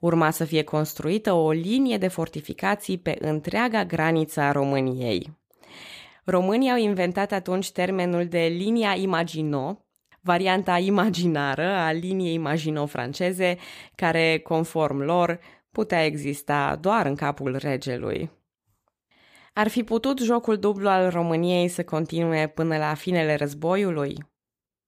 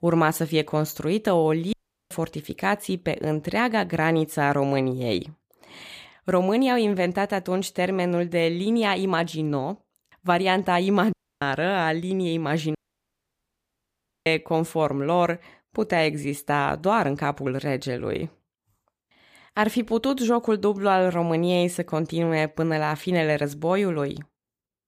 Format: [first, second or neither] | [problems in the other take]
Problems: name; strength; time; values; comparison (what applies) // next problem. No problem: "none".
first | audio cutting out; at 1.5 s, at 11 s and at 13 s for 1.5 s